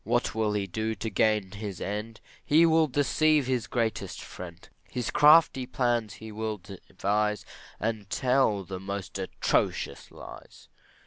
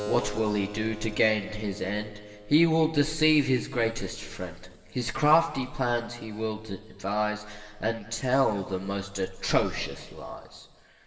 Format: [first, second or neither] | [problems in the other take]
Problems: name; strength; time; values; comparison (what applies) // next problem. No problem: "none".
first | background sound (Keyboard (musical)); 18 dB below the speech // room echo; dies away in 2.5 s